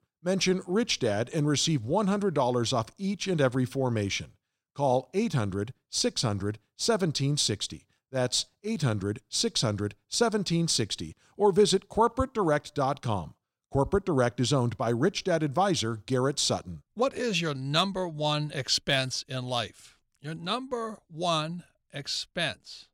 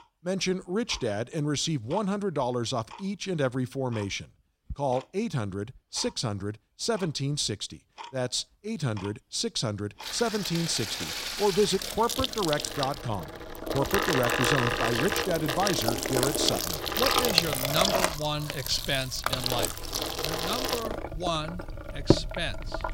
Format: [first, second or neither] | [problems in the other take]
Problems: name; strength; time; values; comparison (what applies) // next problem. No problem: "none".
first | household noises; very loud; throughout; 1 dB above the speech